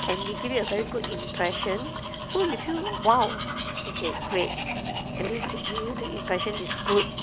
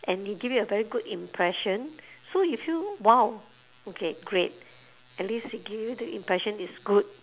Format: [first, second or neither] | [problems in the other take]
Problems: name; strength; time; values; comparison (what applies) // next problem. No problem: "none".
second | background sound (Domestic sounds, home sounds); 3 dB below the speech